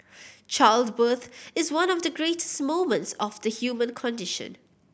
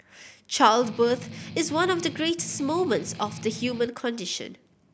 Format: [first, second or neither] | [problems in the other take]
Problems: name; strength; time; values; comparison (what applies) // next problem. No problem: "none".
first | background sound (Strum); 13 dB below the speech